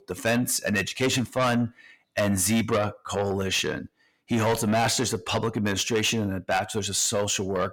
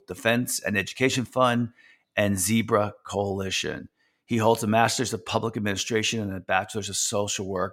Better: second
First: distortion; heavy; 7 dB below the speech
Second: none

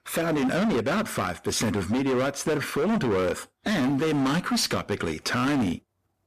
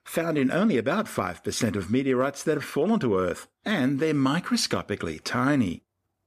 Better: second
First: distortion; heavy; 26% of the sound clipped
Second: none

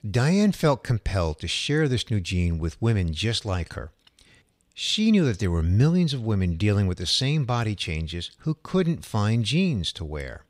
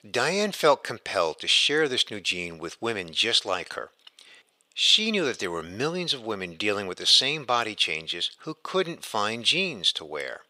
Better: first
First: none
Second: thin; very; fading below 500 Hz

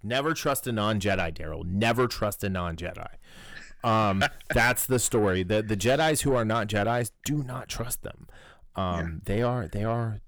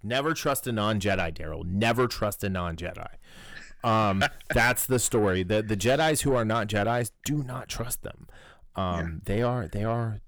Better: neither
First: distortion; slight; 10 dB below the speech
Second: distortion; slight; 10 dB below the speech

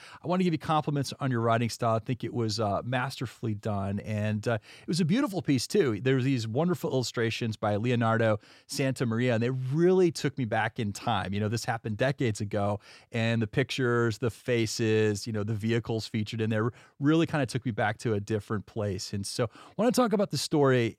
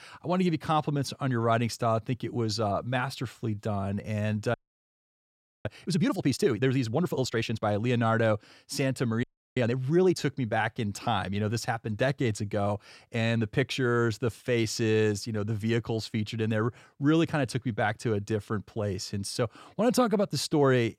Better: first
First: none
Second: audio freezing; at 4.5 s for 1 s and at 9 s

